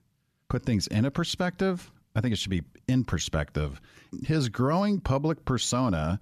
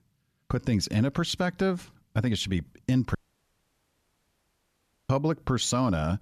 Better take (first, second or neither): first